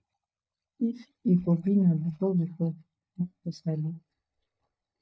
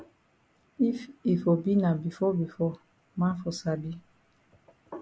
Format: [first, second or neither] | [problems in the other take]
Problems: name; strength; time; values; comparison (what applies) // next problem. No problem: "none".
second | noise reduction (neural mask model DeepFilterNet 3)